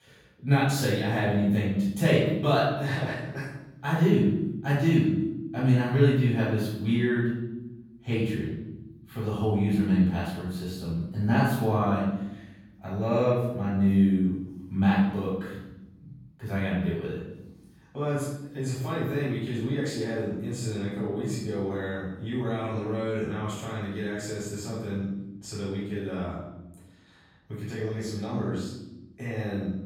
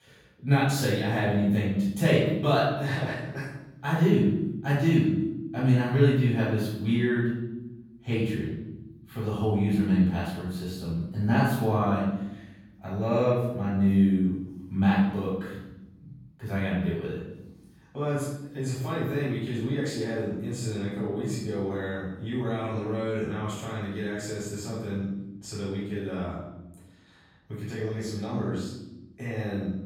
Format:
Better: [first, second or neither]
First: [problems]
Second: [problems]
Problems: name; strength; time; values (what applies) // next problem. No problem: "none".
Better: neither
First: off-mic speech; far // room echo; noticeable; dies away in 1 s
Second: off-mic speech; far // room echo; noticeable; dies away in 1 s